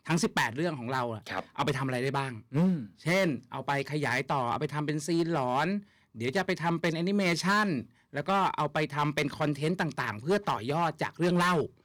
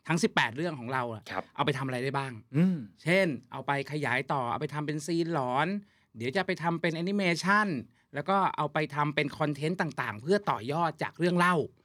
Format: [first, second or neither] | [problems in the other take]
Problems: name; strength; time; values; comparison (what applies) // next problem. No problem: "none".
second | distortion; slight; 7% of the sound clipped